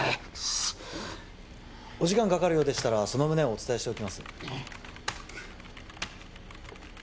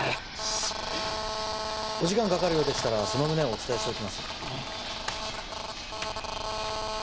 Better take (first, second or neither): first